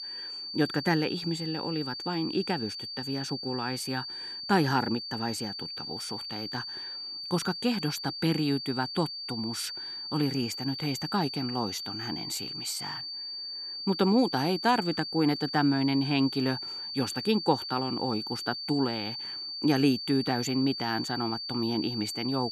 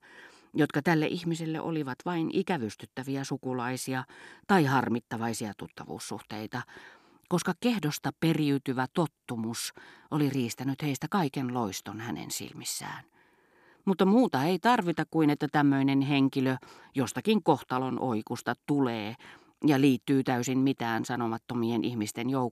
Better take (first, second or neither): second